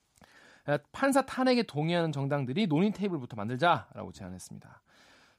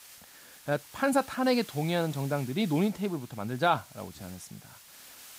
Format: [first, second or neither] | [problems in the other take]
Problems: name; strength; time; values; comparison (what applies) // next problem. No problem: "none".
first | hiss; noticeable; throughout; 20 dB below the speech